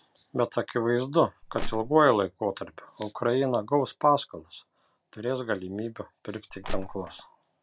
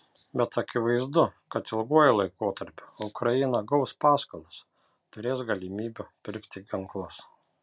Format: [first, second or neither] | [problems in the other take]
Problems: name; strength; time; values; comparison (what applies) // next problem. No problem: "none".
second | background sound (Crushing); 4 dB below the speech